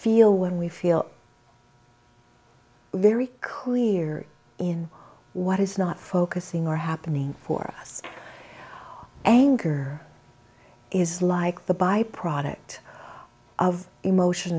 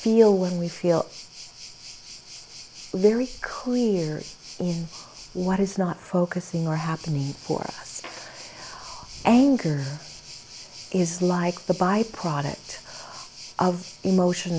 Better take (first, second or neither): first